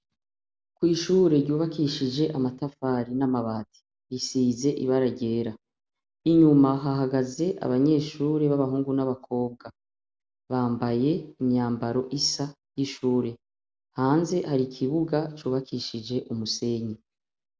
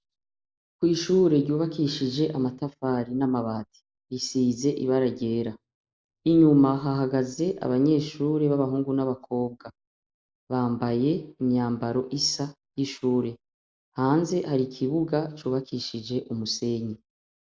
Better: first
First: none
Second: noise reduction (neural mask model Resemble Enhance denoiser)

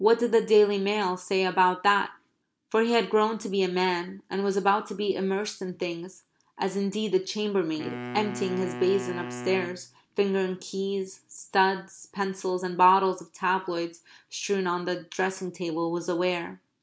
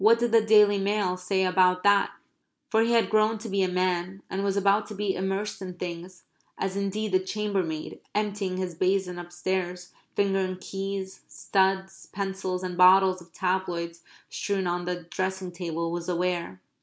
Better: second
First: background sound (Wind instrument, woodwind instrument); 11 dB below the speech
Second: none

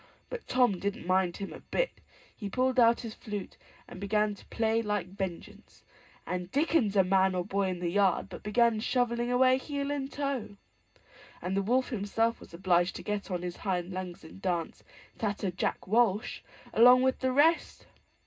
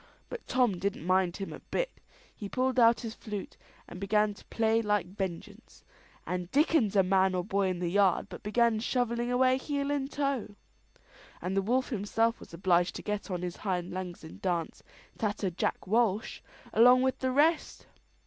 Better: second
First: room echo; dies away in 0.2 s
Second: none

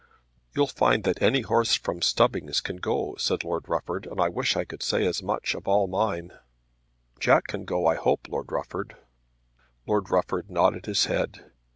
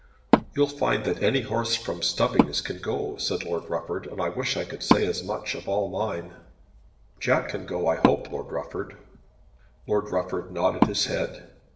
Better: first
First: none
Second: background sound (Wood); 3 dB below the speech // room echo; dies away in 0.7 s

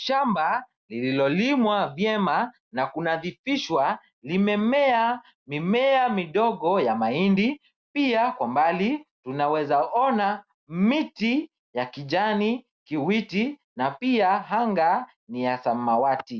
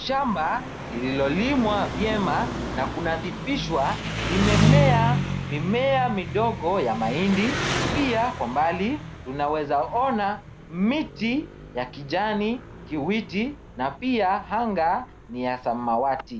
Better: first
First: none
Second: background sound (Engine); 4 dB below the speech

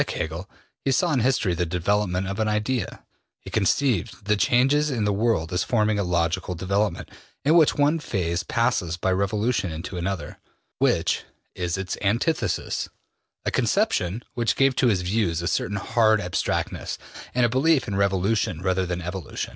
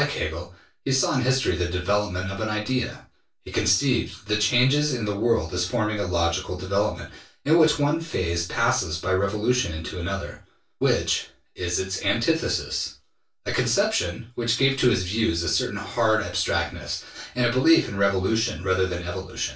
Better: first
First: none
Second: room echo; dies away in 0.2 s

